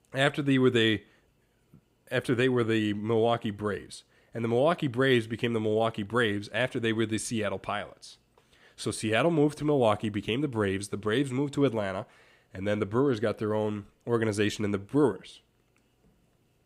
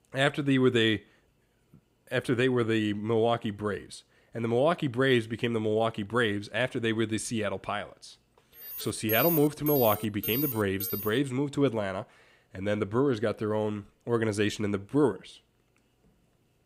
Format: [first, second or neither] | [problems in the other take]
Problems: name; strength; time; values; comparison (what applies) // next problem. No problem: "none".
first | alarm; loud; from 8.5 to 11 s; peak level with the speech